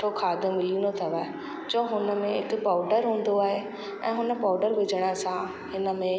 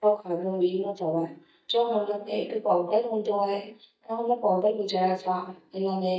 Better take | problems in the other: first | noise reduction (neural mask model DeepFilterNet 3)

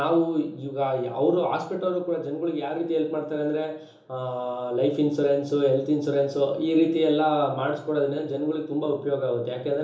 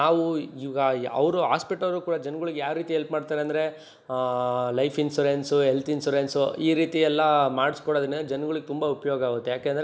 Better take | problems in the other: second | room echo; dies away in 1.2 s

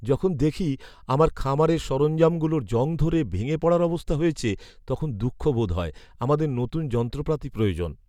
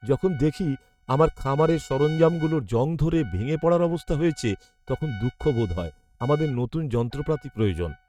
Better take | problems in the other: first | noise reduction (neural mask model RNNoise)

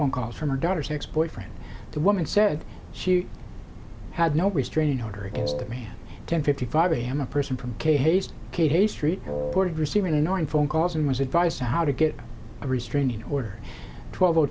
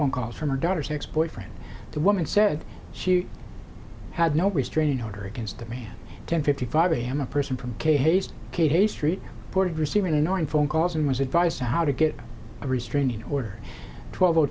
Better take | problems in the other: second | background sound (Wind instrument, woodwind instrument); 7 dB below the speech

